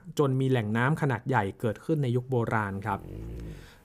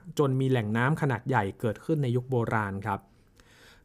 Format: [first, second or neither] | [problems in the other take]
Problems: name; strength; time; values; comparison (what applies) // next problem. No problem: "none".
second | dog barking; faint; at 2.5 s; peak 10 dB below the speech